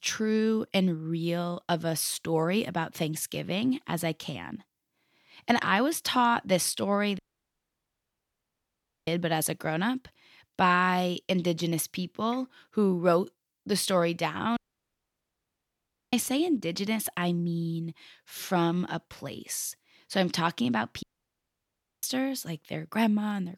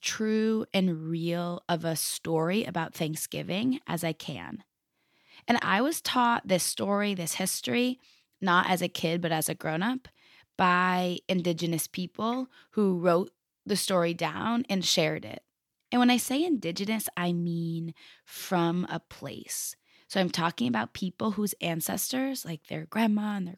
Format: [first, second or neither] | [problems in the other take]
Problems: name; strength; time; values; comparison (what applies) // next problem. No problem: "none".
second | audio cutting out; at 7 s for 2 s, at 15 s for 1.5 s and at 21 s for 1 s